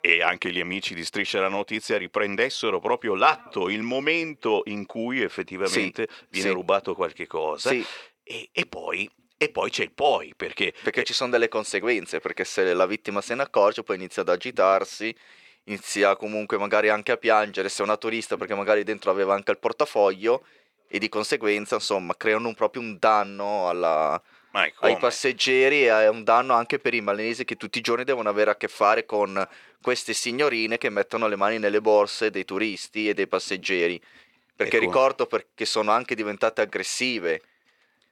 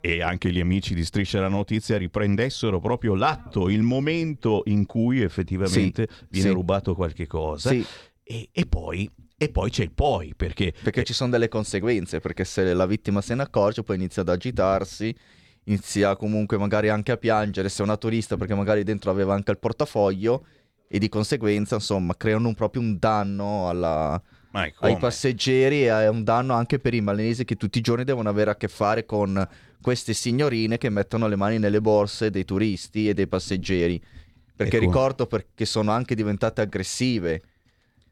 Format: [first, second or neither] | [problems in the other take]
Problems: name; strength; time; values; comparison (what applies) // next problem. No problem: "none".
second | thin; somewhat; fading below 450 Hz